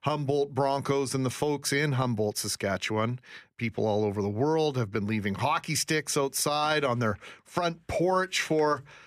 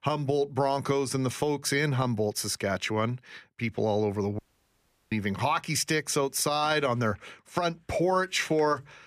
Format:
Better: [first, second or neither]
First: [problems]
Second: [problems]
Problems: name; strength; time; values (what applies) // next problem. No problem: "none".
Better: first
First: none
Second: audio cutting out; at 4.5 s for 0.5 s